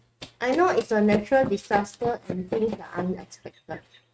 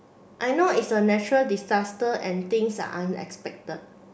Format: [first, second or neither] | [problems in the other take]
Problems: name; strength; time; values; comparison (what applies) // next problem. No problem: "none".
second | noise reduction (neural mask model RNNoise)